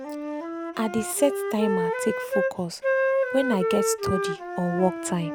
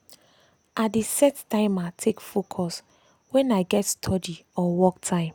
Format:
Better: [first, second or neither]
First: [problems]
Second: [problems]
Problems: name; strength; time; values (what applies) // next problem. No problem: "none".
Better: second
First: background sound (Wind instrument, woodwind instrument); as loud as the speech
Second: none